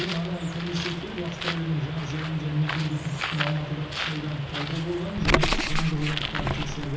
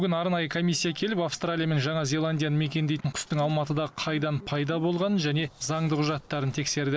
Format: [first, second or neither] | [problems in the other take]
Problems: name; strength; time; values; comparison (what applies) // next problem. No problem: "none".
second | background sound (Bird); 1 dB below the speech // room echo; dies away in 0.7 s